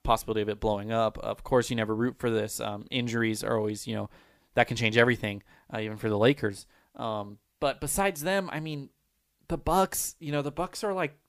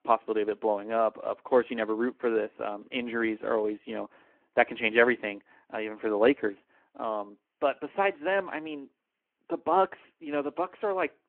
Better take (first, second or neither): first